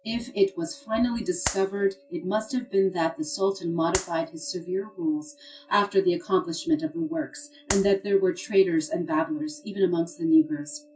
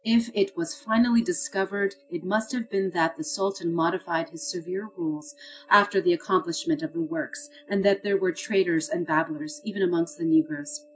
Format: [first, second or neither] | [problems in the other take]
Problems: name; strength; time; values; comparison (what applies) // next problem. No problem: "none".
second | background sound (Clapping); 6 dB below the speech // room echo; dies away in 0.1 s